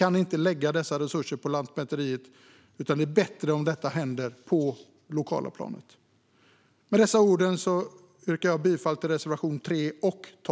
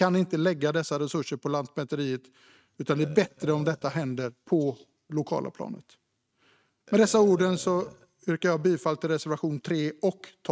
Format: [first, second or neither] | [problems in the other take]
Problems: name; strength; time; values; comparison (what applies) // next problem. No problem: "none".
first | noise reduction (neural mask model RNNoise)